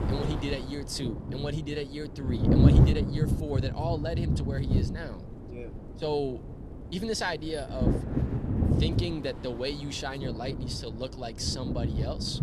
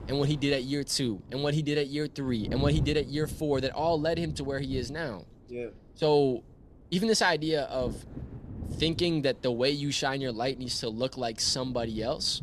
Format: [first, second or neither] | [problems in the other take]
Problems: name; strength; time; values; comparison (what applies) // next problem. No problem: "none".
second | wind noise on the microphone; heavy; 2 dB below the speech; occasional gusts in the second